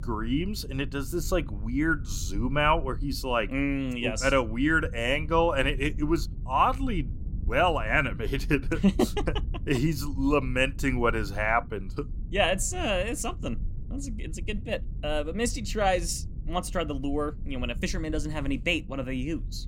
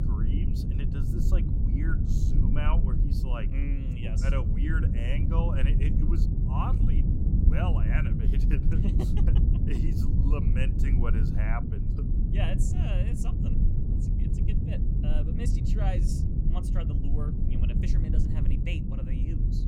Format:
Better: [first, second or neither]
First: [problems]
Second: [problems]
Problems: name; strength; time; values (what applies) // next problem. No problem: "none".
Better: first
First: low rumble; faint; throughout; 25 dB below the speech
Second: low rumble; loud; throughout; 1 dB below the speech